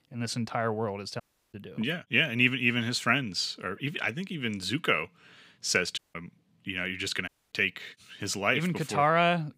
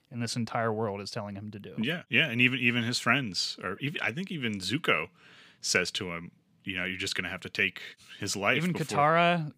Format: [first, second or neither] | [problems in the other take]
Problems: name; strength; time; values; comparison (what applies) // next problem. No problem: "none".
second | audio cutting out; at 1 s, at 6 s and at 7.5 s